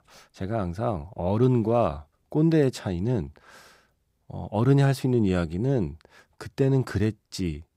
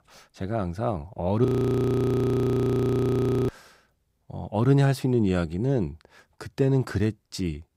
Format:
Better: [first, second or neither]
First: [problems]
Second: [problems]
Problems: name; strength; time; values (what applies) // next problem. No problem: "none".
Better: first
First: none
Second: audio freezing; at 1.5 s for 2 s